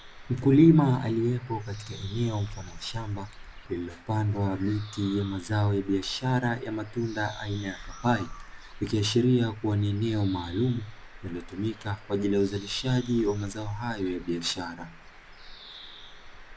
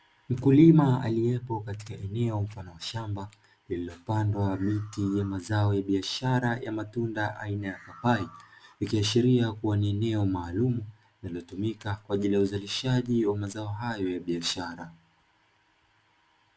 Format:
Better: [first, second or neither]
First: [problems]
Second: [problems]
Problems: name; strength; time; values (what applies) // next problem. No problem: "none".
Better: second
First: background sound (Bird); 16 dB below the speech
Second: none